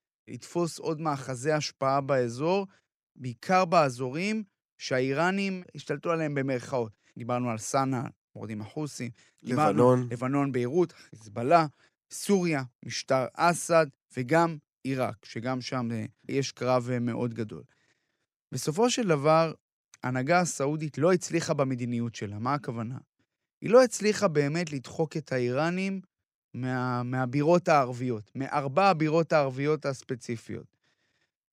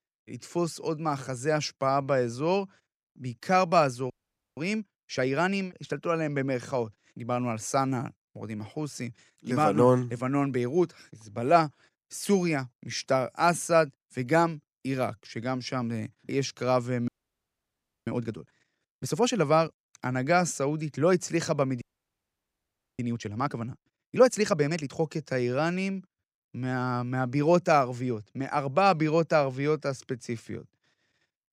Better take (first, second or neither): first